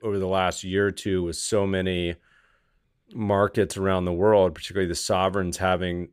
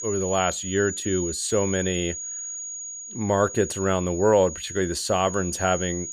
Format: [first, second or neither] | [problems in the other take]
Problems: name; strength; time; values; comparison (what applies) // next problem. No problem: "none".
first | high-pitched whine; loud; throughout; 6.5 kHz, 8 dB below the speech